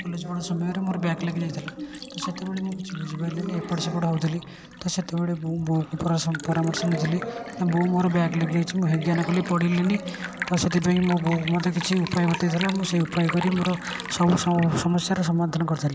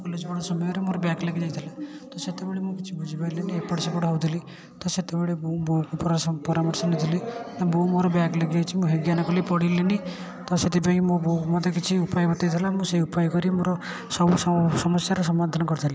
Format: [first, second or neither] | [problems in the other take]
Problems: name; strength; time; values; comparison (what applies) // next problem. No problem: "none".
second | background sound (Liquid); 15 dB below the speech